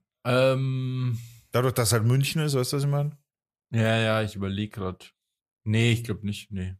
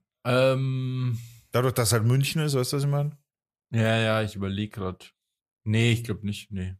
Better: neither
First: none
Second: none

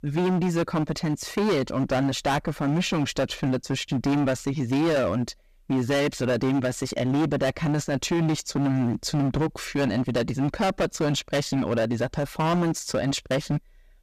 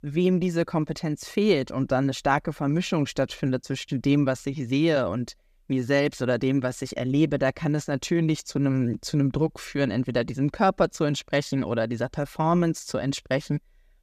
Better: second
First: distortion; heavy; 20% of the sound clipped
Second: none

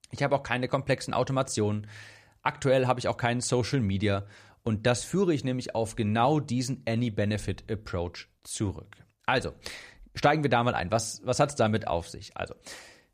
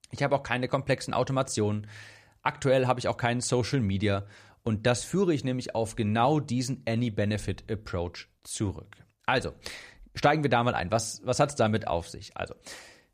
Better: neither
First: none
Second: none

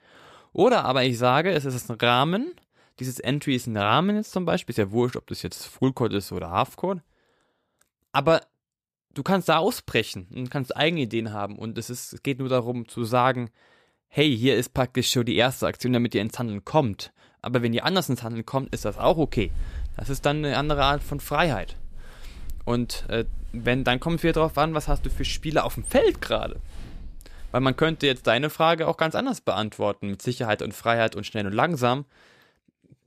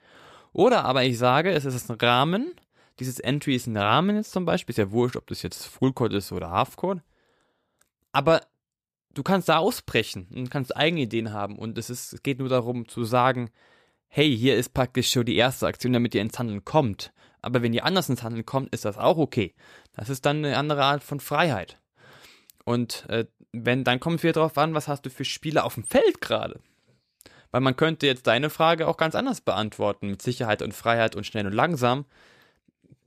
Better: second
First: footsteps; noticeable; from 19 to 28 s; peak 8 dB below the speech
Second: none

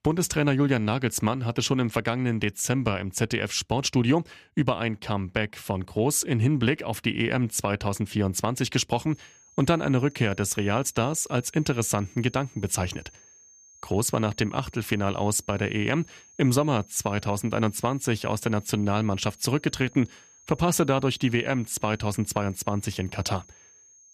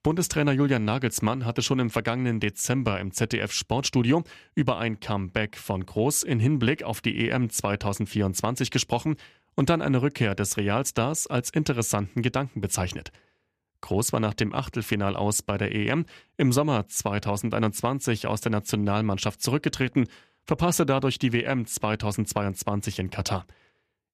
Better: second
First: high-pitched whine; faint; from 9 s on; 6.5 kHz, 25 dB below the speech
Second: none

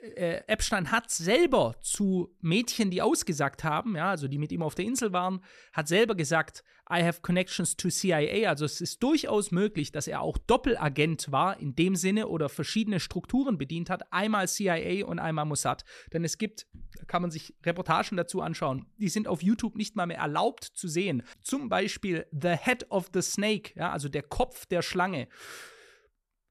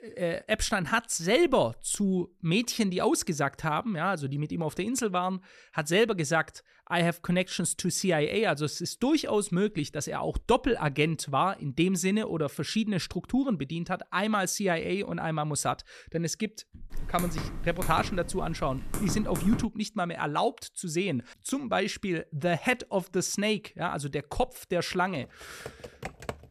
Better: first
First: none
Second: keyboard typing; noticeable; from 17 to 20 s; peak 6 dB below the speech // keyboard typing; faint; from 25 s on; peak 10 dB below the speech

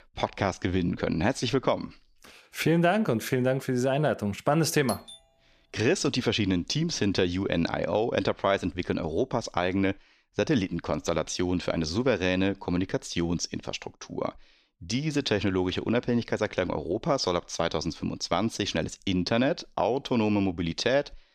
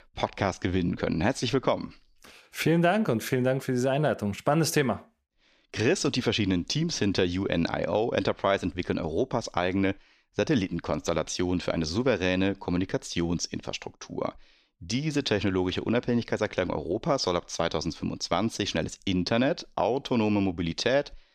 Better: second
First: doorbell; faint; at 5 s; peak 10 dB below the speech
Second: none

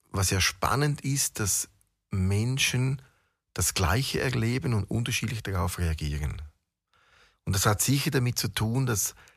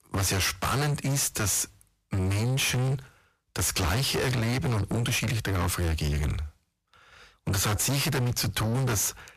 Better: first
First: none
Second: distortion; heavy; 37% of the sound clipped

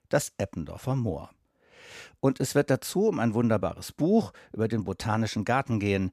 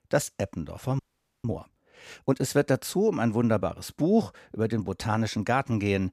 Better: first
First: none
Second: audio freezing; at 1 s

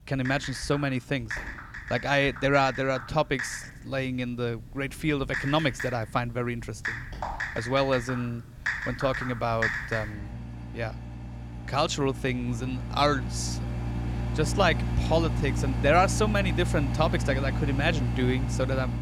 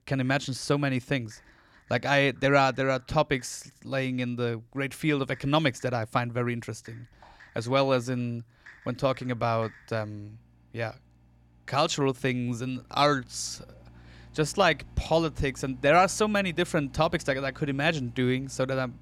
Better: second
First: household noises; loud; throughout; 5 dB below the speech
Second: household noises; faint; throughout; 25 dB below the speech

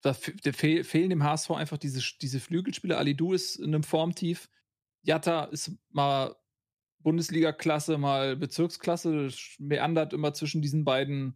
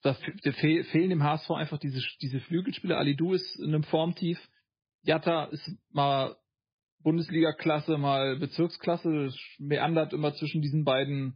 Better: first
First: none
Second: garbled, watery; badly; nothing above 5 kHz

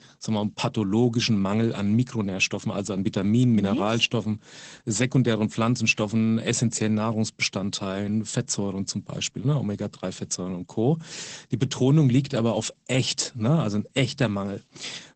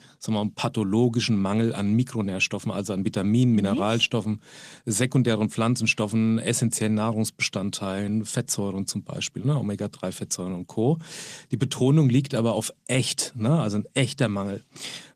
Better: second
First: garbled, watery; badly; nothing above 8 kHz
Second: garbled, watery; slightly

